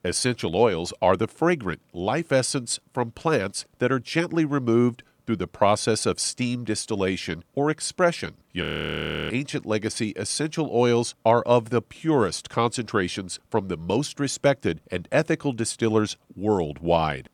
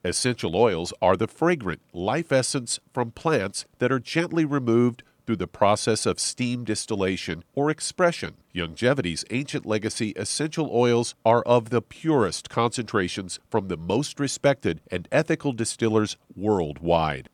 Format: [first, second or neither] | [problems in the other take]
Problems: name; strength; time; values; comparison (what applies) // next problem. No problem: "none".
second | audio freezing; at 8.5 s for 0.5 s